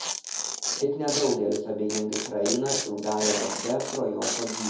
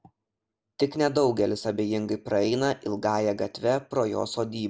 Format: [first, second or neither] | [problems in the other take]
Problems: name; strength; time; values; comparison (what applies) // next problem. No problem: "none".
second | background sound (Tearing); 4 dB below the speech // room echo; dies away in 0.5 s